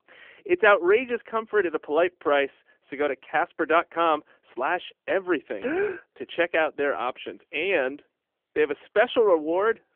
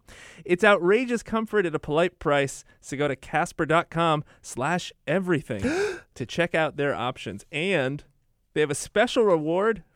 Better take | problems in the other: second | phone-call audio; nothing above 3.5 kHz

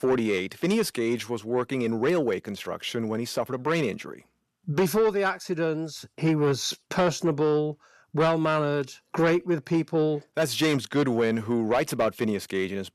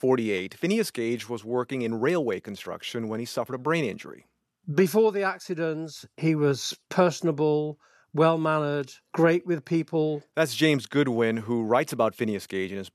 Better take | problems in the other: second | distortion; slight; 10 dB below the speech

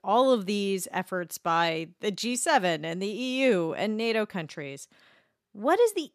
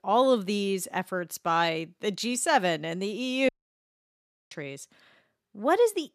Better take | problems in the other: first | audio cutting out; at 3.5 s for 1 s

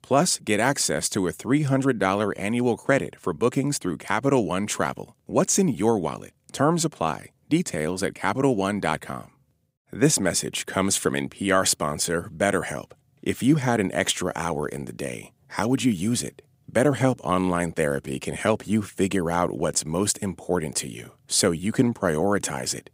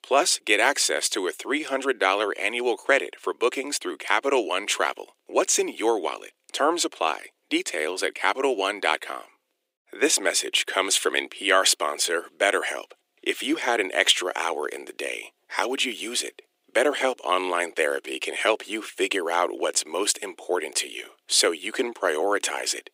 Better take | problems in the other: first | thin; very; fading below 350 Hz

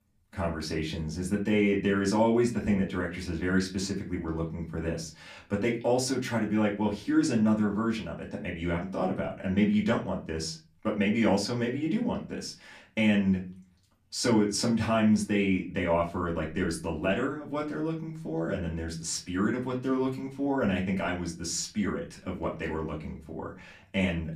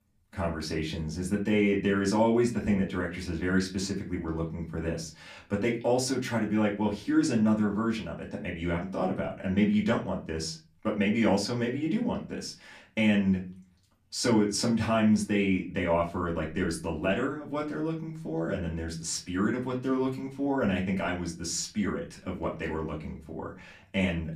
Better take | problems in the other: neither | off-mic speech; far; the same in both // room echo; very slight; dies away in 0.3 s; the same in both

